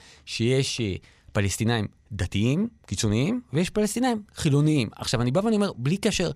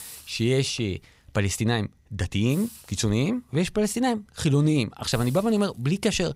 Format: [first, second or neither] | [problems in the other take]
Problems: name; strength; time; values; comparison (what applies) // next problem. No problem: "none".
first | hiss; noticeable; throughout; 20 dB below the speech